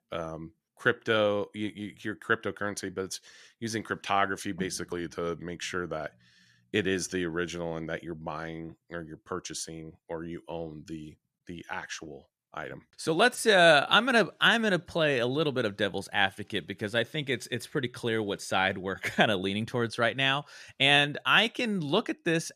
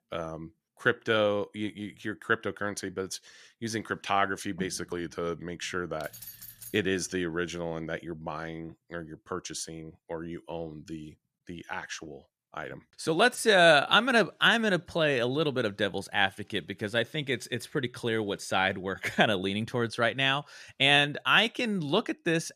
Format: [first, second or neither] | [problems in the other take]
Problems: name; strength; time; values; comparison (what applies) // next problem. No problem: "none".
first | jangling keys; faint; at 6 s; peak 15 dB below the speech